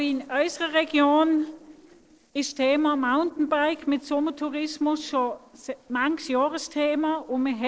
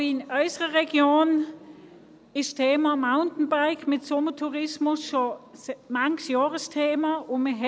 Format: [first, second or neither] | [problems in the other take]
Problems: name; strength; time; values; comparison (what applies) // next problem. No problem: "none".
second | noise reduction (neural separator model SepFormer DNS4)